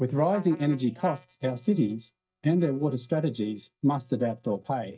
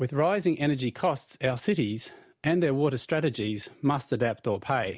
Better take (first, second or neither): second